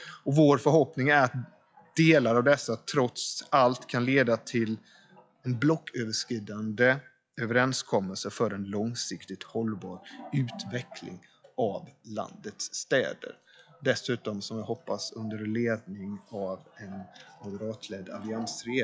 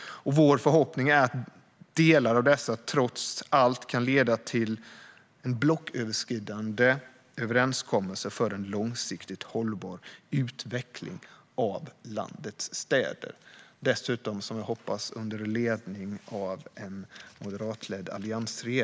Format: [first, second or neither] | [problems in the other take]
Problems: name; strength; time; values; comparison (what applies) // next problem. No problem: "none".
second | noise reduction (classical method log-MMSE)